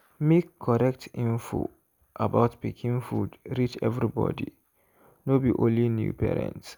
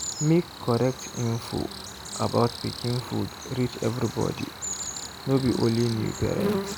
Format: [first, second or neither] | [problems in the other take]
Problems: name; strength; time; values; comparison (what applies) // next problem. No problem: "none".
first | background sound (Cricket); 8 dB below the speech